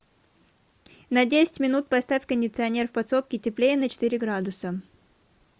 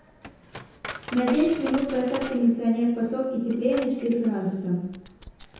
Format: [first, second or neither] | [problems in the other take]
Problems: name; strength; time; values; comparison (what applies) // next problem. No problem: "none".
first | background sound (Coin (dropping)); 15 dB below the speech // room echo; dies away in 0.9 s